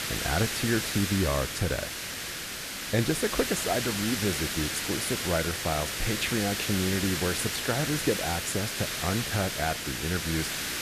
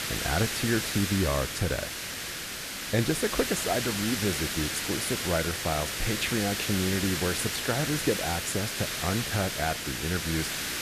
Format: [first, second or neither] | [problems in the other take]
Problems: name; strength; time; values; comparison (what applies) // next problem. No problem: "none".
neither | hiss; loud; throughout; 1 dB below the speech; the same in both